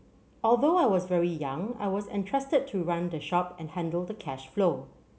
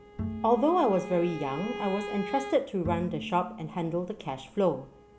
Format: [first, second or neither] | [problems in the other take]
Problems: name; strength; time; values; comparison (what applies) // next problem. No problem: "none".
first | background sound (Bowed string instrument + Bowed string instrument); 10 dB below the speech